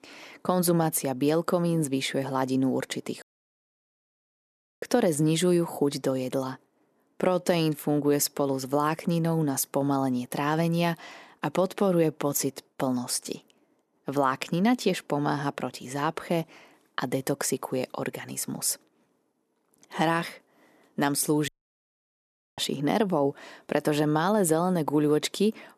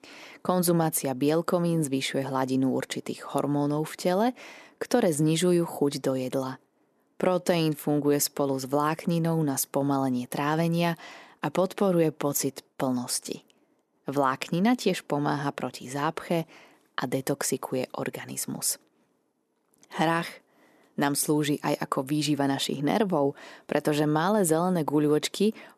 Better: second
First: audio cutting out; at 3 s for 1.5 s and at 21 s for 1 s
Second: none

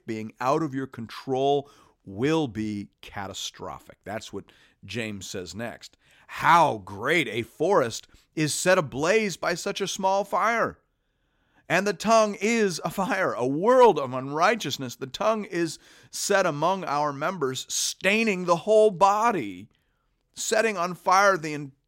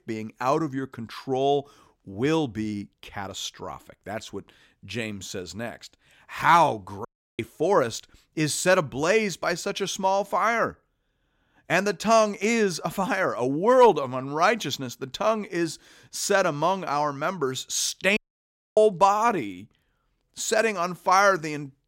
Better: first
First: none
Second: audio cutting out; at 7 s and at 18 s for 0.5 s

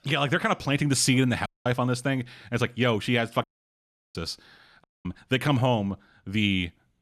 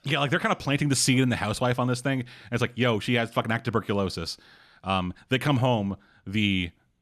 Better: second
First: audio cutting out; at 1.5 s, at 3.5 s for 0.5 s and at 5 s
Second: none

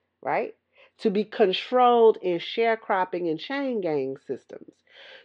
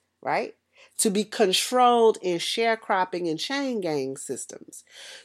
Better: second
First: muffled; slightly; fading above 3.5 kHz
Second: none

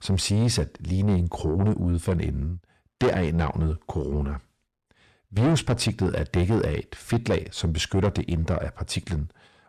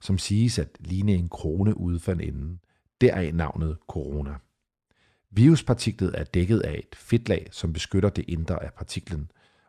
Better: second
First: distortion; heavy; 7 dB below the speech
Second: none

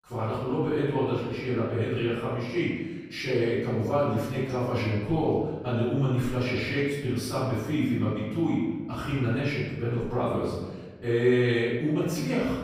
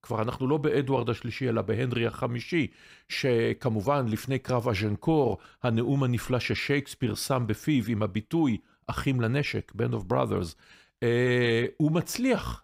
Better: second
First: off-mic speech; far // room echo; strong; dies away in 1.2 s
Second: none

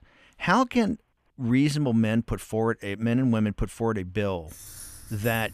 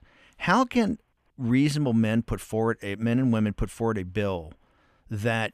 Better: second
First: jangling keys; faint; from 4.5 s on; peak 15 dB below the speech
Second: none

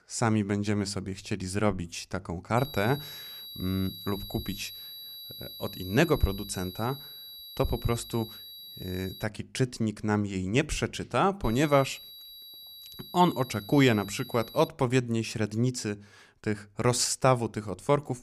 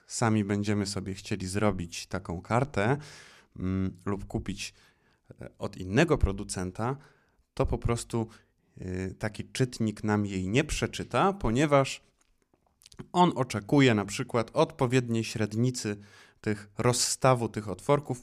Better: second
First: high-pitched whine; noticeable; from 2.5 to 9 s and from 11 to 15 s; 4 kHz, 15 dB below the speech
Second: none

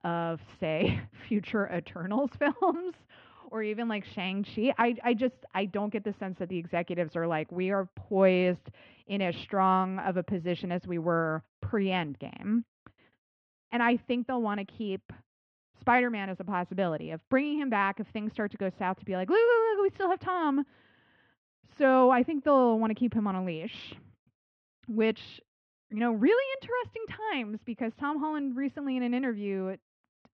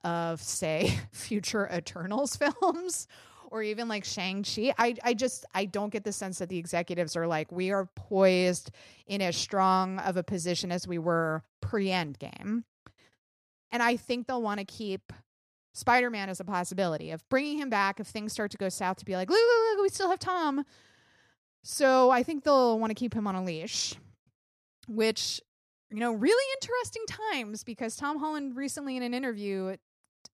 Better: second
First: muffled; very; fading above 3 kHz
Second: none

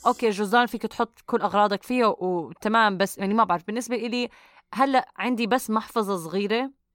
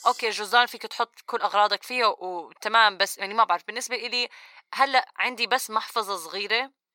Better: first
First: none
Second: thin; very; fading below 700 Hz

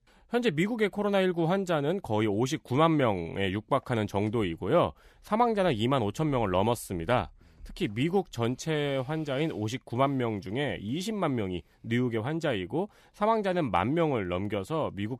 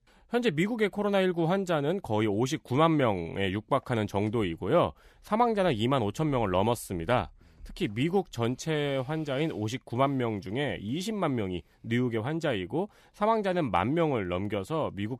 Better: neither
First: none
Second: none

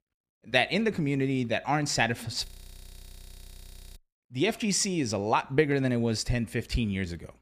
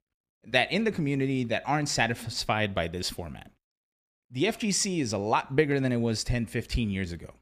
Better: second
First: audio freezing; at 2.5 s for 1.5 s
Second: none

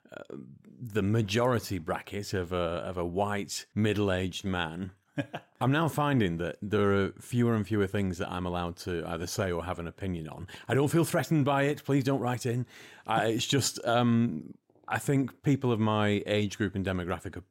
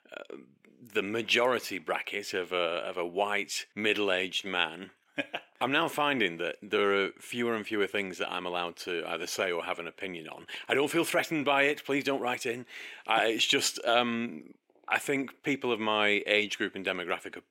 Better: first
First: none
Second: thin; somewhat; fading below 400 Hz

